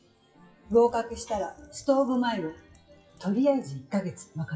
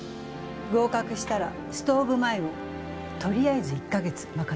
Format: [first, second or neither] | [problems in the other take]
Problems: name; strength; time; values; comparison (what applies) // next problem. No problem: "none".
second | noise reduction (classical method WPE with log-MMSE)